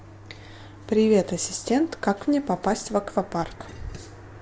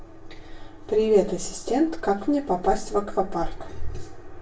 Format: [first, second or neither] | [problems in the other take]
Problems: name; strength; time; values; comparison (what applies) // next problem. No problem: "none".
first | room echo; dies away in 0.3 s